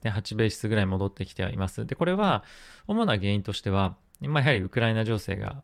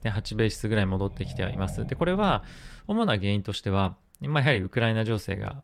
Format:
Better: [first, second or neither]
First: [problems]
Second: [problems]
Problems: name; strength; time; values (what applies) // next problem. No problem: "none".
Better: first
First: none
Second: traffic noise; noticeable; until 2.5 s; 15 dB below the speech